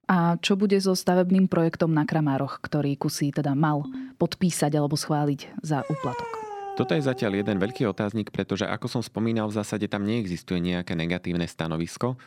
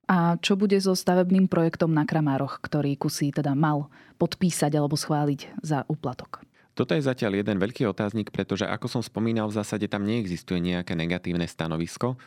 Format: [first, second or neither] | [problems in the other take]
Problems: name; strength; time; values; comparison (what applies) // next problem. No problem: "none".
second | phone ringing; faint; at 4 s; peak 10 dB below the speech // dog barking; noticeable; from 6 to 8 s; peak 8 dB below the speech